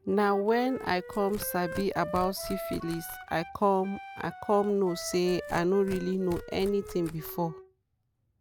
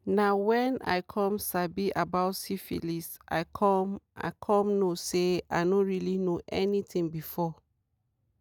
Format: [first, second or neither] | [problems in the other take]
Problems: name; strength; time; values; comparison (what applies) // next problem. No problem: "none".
second | background sound (Tearing + Wind instrument, woodwind instrument); 13 dB below the speech